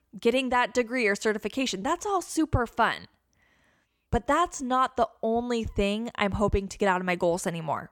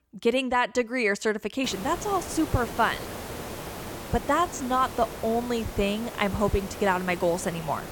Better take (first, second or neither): first